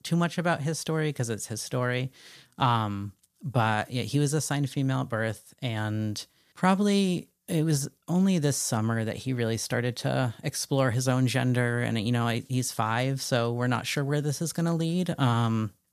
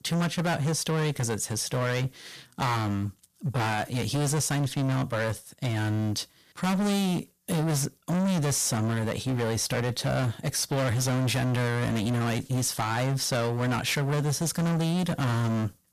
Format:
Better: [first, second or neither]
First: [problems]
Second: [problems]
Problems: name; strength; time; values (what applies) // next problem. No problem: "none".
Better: first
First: none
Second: distortion; heavy; 29% of the sound clipped